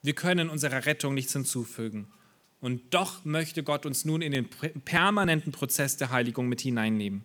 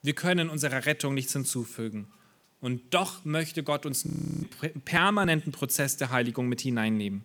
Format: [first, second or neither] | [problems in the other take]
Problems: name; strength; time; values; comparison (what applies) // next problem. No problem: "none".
first | audio freezing; at 4 s